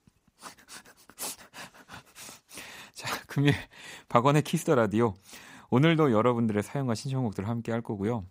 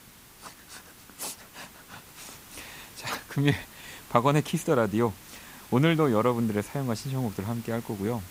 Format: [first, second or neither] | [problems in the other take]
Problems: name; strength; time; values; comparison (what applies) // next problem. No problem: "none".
first | hiss; noticeable; throughout; 20 dB below the speech